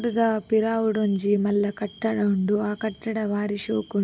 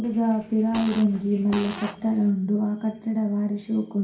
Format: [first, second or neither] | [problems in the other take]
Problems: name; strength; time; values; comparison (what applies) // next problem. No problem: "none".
first | background sound (Fart); 15 dB below the speech // room echo; dies away in 0.5 s